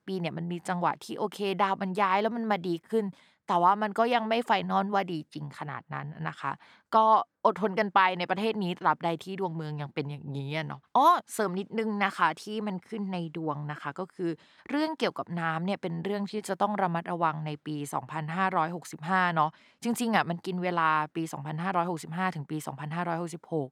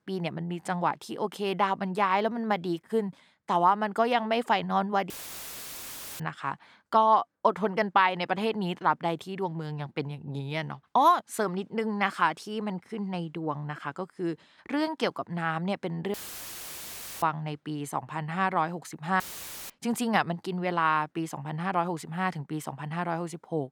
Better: first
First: none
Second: audio cutting out; filled with static; at 5 s for 1 s, at 16 s for 1 s and at 19 s for 0.5 s

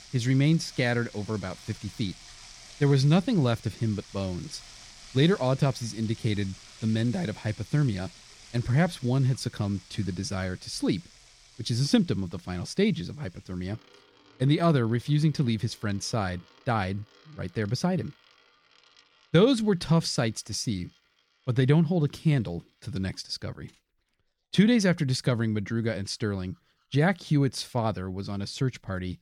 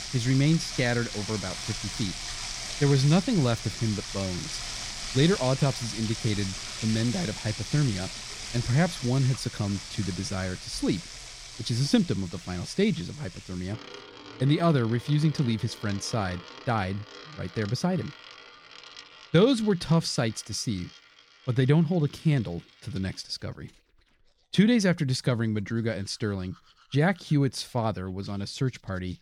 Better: first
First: household noises; faint; throughout; 20 dB below the speech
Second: household noises; loud; throughout; 9 dB below the speech

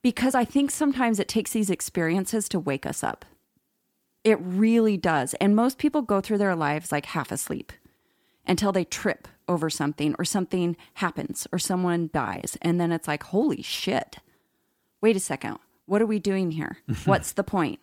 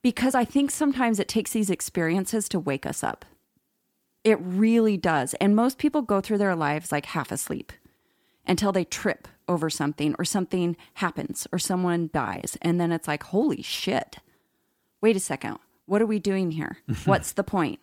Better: neither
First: none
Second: none

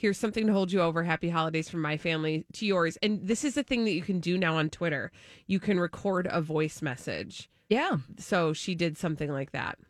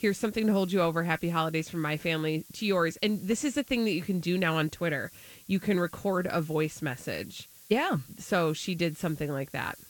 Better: first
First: none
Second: hiss; faint; throughout; 20 dB below the speech

